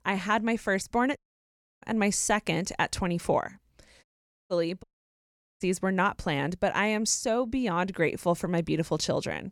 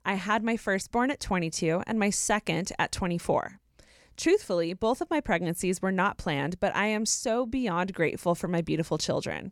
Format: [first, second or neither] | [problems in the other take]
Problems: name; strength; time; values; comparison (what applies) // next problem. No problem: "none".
second | audio cutting out; at 1 s for 0.5 s, at 4 s and at 5 s for 1 s